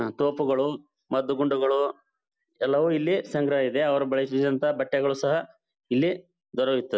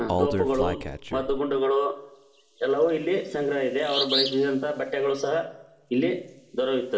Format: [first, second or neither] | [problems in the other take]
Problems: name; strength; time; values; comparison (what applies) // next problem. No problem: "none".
first | background sound (Bird vocalization, bird call, bird song); 8 dB below the speech // room echo; dies away in 0.8 s